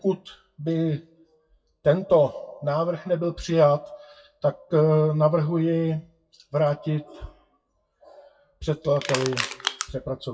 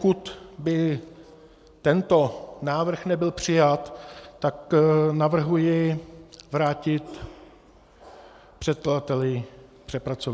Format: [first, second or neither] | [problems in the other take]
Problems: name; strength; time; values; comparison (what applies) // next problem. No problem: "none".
second | noise reduction (classical method WPE with log-MMSE)